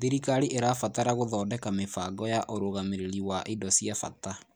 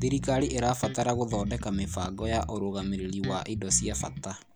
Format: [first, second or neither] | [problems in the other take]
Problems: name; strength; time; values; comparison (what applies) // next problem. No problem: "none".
first | background sound (Bass guitar); 7 dB below the speech